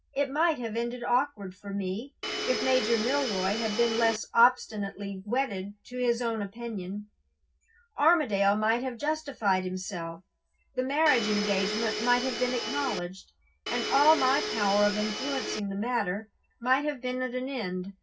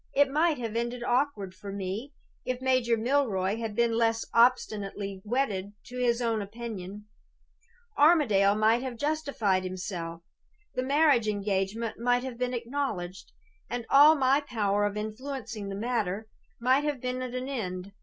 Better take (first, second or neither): second